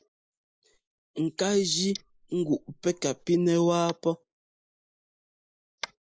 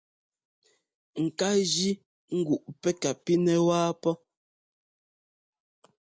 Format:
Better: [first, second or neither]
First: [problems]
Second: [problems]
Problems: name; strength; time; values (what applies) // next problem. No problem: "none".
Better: second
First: noise reduction (neural mask model Resemble Enhance denoiser)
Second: none